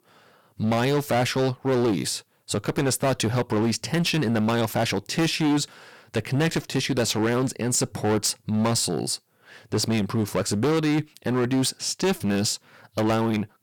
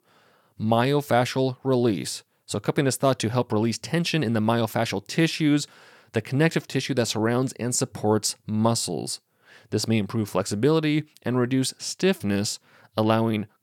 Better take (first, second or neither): second